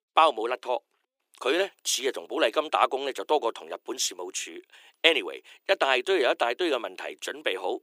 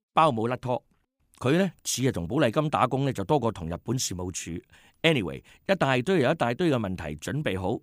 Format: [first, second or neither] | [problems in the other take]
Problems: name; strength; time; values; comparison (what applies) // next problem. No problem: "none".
second | thin; very; fading below 350 Hz